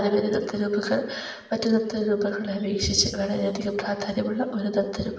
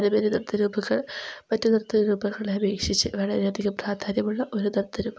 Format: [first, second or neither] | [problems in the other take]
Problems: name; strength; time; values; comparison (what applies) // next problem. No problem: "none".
second | room echo; dies away in 1 s